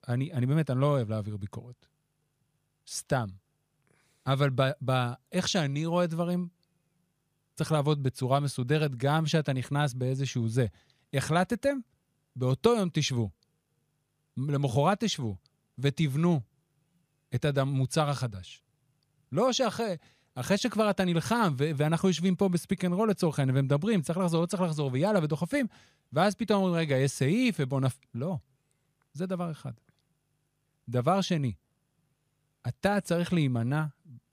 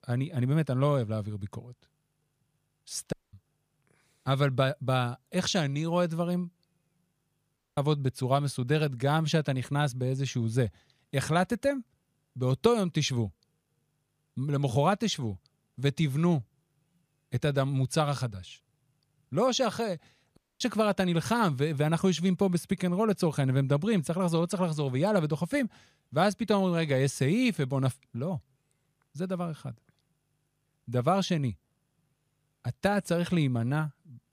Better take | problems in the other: first | audio cutting out; at 3 s, at 7.5 s and at 20 s

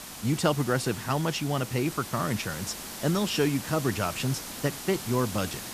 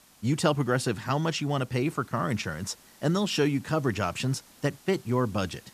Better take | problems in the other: second | hiss; loud; throughout; 9 dB below the speech; faint in the second

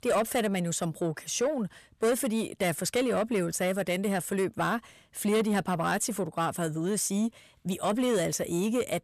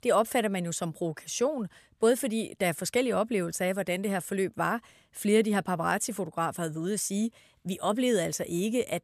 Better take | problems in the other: second | distortion; slight; 10 dB below the speech

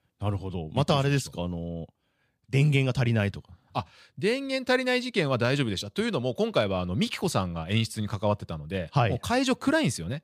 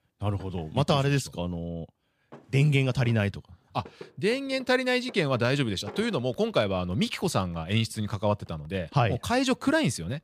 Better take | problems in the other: first | household noises; faint; throughout; 25 dB below the speech

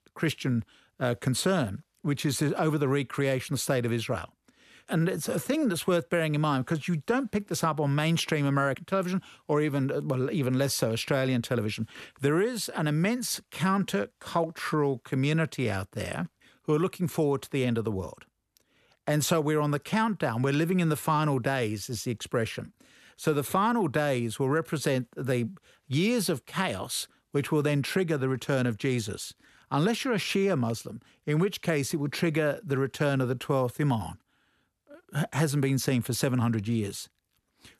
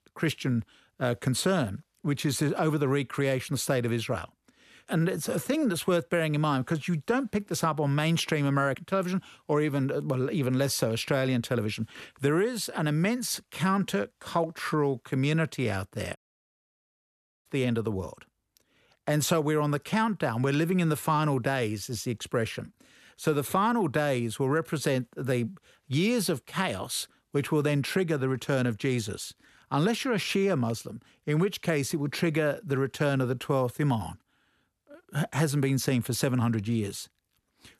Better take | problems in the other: first | audio cutting out; at 16 s for 1.5 s

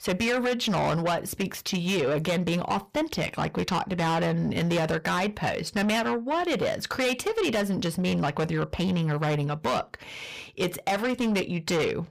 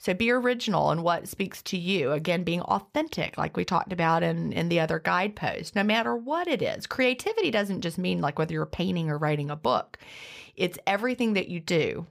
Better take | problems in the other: second | distortion; heavy; 8 dB below the speech

